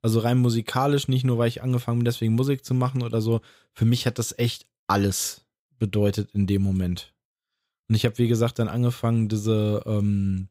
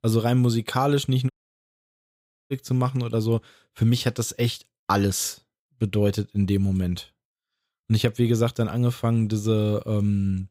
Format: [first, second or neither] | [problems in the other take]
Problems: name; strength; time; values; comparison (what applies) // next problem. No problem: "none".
first | audio cutting out; at 1.5 s for 1 s